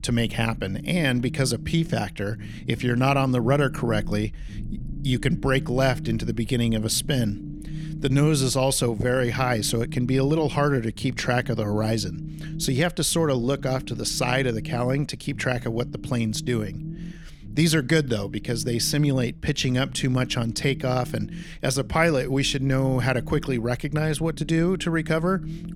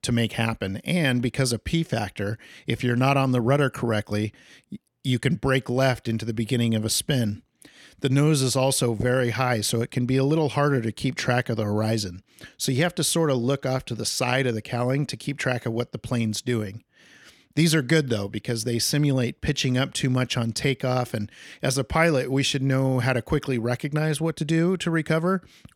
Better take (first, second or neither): second